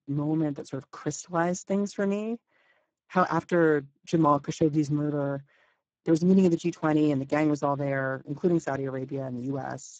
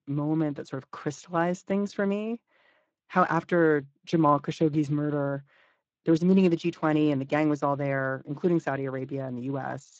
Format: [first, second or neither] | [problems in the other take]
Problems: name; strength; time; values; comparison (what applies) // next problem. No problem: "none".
second | garbled, watery; badly; nothing above 7.5 kHz; slightly in the second